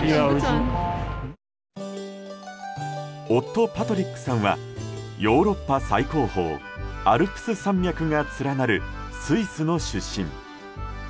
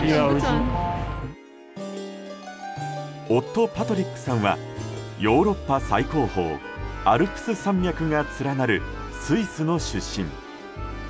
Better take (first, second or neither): first